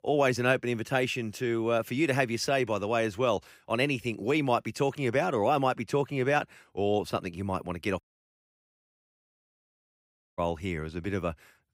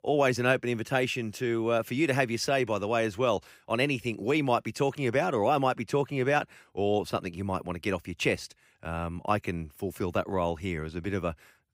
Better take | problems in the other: second | audio cutting out; at 8 s for 2.5 s

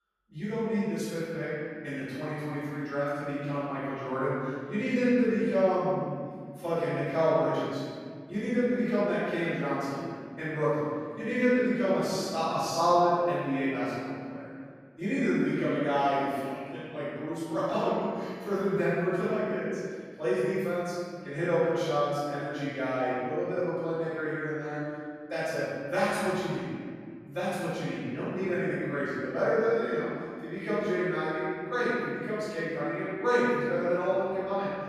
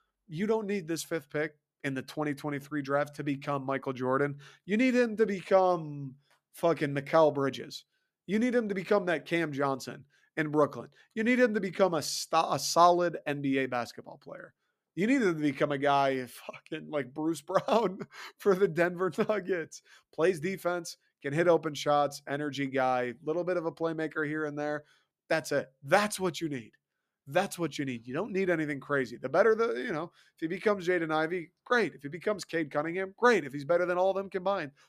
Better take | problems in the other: second | off-mic speech; far // room echo; strong; dies away in 2.1 s

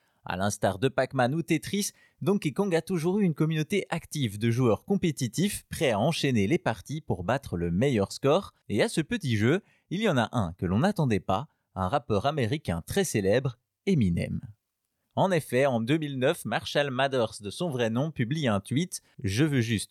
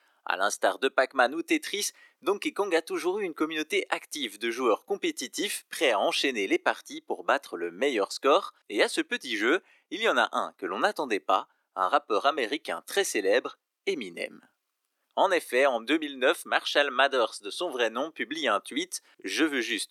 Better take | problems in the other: first | thin; very; fading below 300 Hz

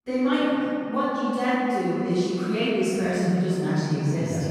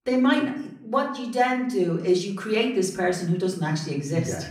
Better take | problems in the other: second | room echo; strong; dies away in 3 s; slight in the second // off-mic speech; far; far in the second

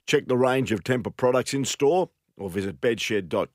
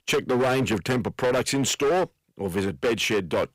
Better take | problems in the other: first | distortion; heavy; 19% of the sound clipped

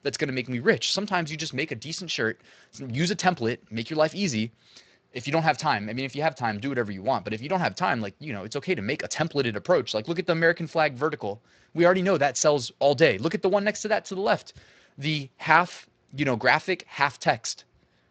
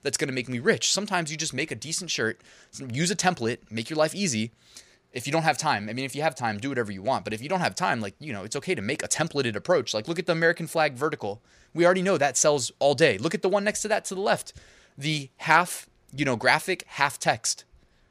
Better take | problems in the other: second | garbled, watery; slightly

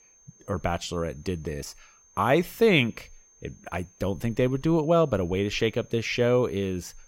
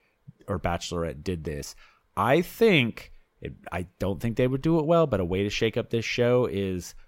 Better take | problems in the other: second | high-pitched whine; faint; throughout; 6.5 kHz, 30 dB below the speech

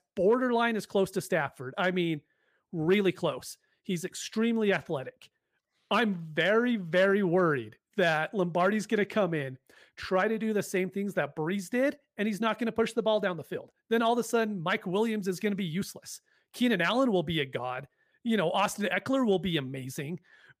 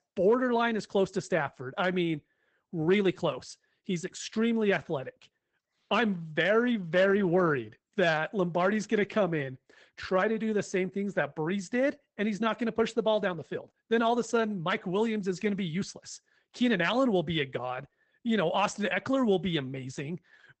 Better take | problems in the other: first | garbled, watery; badly; nothing above 8 kHz

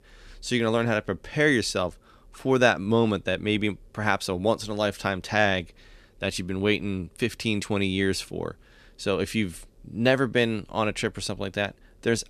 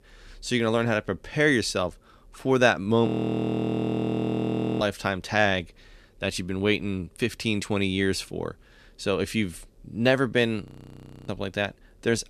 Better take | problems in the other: first | audio freezing; at 3 s for 1.5 s and at 11 s for 0.5 s

